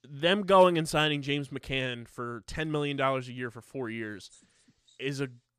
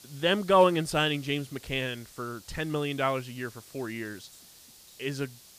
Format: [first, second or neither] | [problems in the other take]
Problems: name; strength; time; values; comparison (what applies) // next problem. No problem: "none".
first | hiss; faint; throughout; 20 dB below the speech